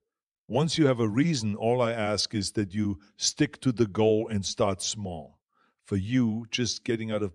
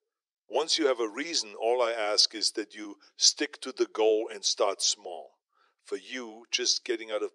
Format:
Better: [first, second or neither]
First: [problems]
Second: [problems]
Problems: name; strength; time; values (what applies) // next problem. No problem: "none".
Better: first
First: none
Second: thin; very; fading below 350 Hz